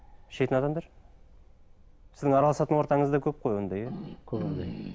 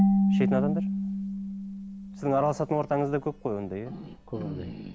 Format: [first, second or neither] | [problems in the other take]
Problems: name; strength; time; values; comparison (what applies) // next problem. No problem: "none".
first | background sound (Marimba, xylophone / Wood); 1 dB above the speech